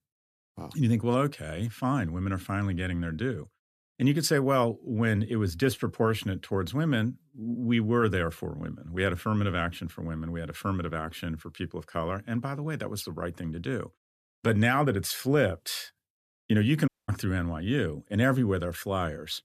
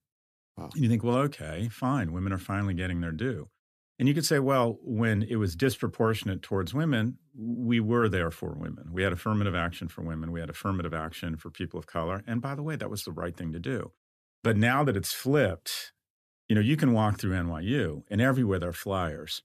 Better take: second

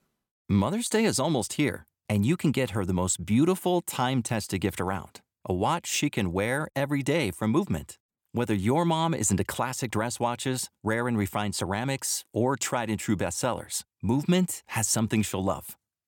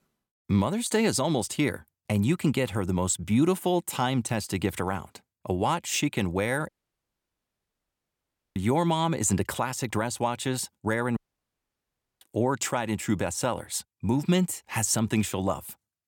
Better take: first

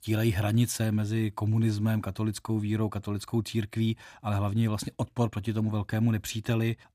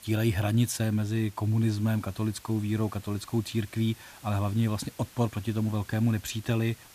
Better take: first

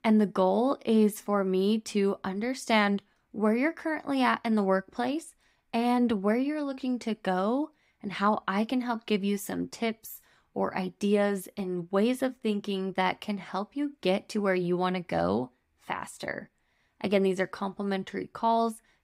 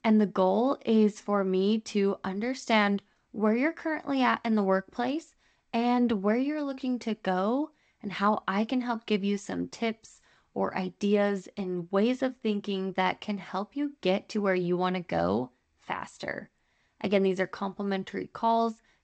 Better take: first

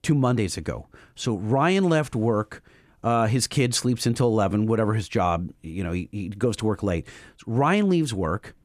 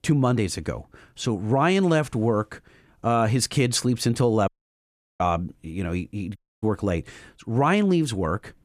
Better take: first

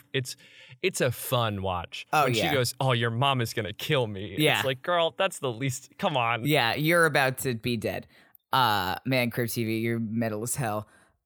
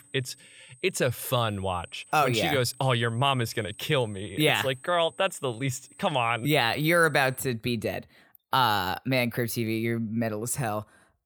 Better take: first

